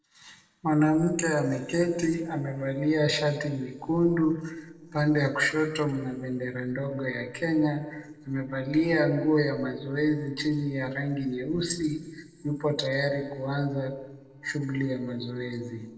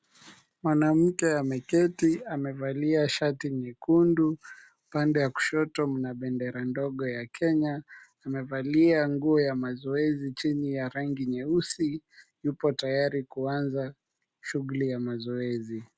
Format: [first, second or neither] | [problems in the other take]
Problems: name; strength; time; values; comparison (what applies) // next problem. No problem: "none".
second | noise reduction (neural separator model SepFormer DNS4)